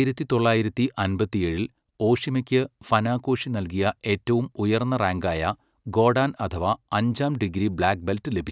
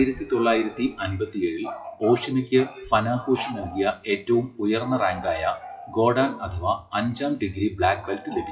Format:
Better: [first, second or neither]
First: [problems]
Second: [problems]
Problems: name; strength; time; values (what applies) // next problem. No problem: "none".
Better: first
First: none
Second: noise reduction (classical method WPE with log-MMSE)